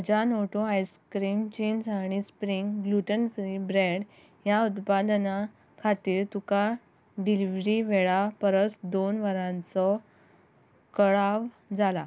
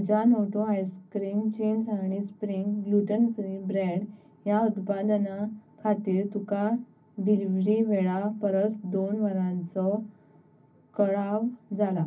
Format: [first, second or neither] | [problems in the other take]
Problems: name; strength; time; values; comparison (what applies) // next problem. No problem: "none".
first | room echo; dies away in 0.4 s